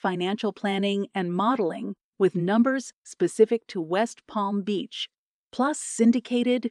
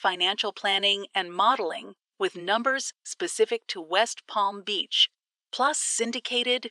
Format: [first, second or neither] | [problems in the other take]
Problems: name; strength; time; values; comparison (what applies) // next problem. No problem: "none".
first | thin; very; fading below 700 Hz